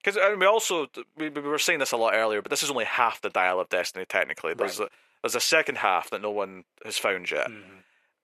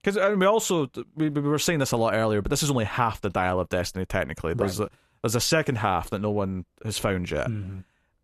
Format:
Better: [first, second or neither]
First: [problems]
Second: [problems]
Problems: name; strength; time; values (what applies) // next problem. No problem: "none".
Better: second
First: thin; very; fading below 500 Hz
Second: none